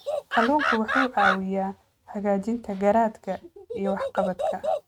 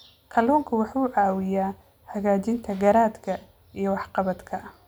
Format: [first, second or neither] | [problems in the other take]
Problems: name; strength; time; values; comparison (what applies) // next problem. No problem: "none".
second | noise reduction (neural mask model RNNoise)